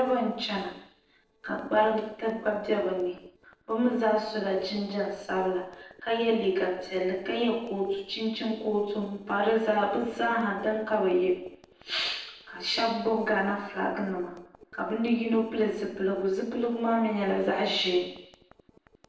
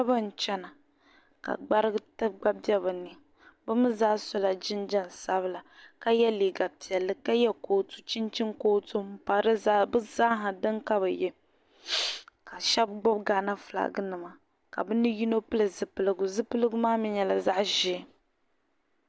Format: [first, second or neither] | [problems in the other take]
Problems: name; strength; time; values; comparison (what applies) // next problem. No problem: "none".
second | noise reduction (neural separator model SepFormer DNS4)